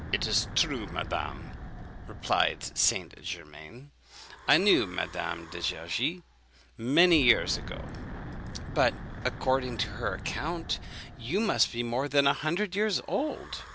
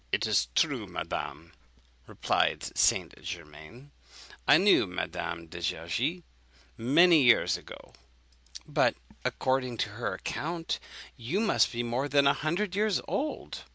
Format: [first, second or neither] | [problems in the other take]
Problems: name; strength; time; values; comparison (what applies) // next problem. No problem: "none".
second | background sound (Wind / Breathing); 12 dB below the speech